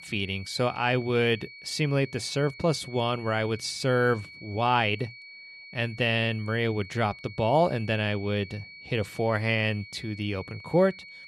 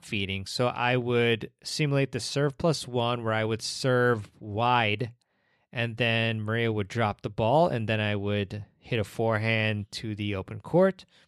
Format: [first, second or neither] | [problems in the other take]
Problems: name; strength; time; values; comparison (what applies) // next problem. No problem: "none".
second | high-pitched whine; noticeable; throughout; 2 kHz, 15 dB below the speech